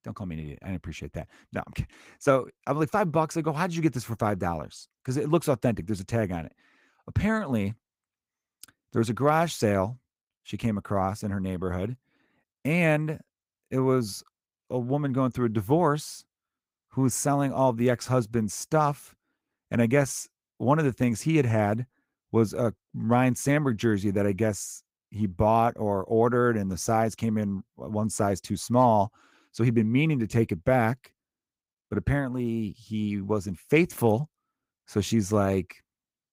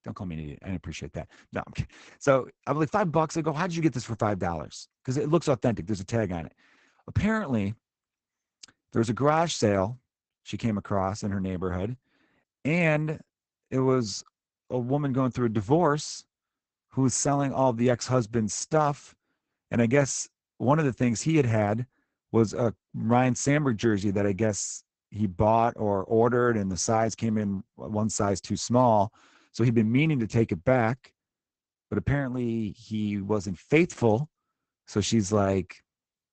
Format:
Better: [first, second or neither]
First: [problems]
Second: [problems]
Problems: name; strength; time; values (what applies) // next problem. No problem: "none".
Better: first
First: garbled, watery; slightly; nothing above 15.5 kHz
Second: garbled, watery; badly; nothing above 8 kHz